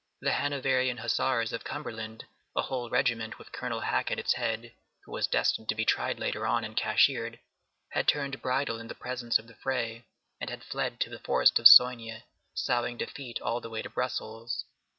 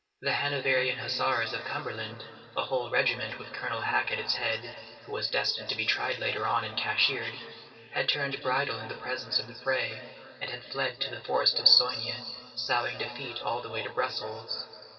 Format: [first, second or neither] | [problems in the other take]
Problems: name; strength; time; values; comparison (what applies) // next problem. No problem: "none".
first | room echo; dies away in 2.8 s